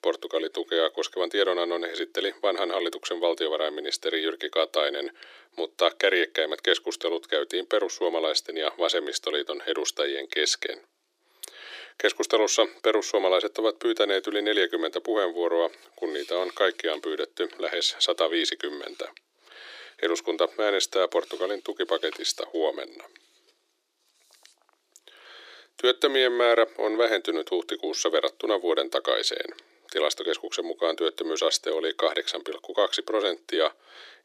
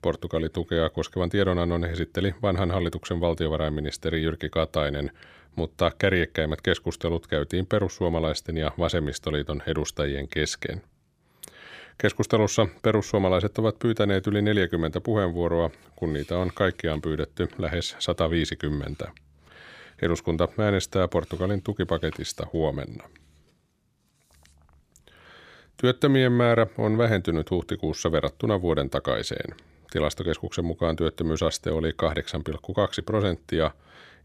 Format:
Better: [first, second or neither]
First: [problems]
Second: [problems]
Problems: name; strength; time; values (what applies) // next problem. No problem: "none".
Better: second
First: thin; very; fading below 350 Hz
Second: none